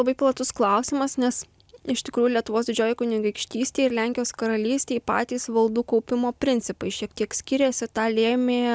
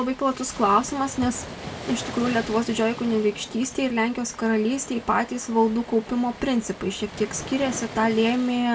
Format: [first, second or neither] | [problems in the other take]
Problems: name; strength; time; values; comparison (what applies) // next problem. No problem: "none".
first | background sound (Waves, surf); 14 dB below the speech // room echo; dies away in 0.2 s